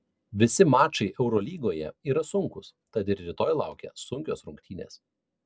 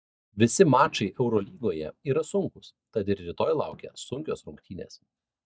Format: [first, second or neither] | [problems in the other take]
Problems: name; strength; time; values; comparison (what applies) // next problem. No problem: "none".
first | noise reduction (neural mask model DeepFilterNet 3)